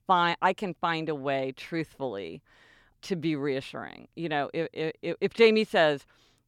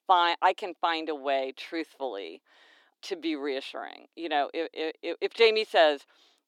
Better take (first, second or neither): first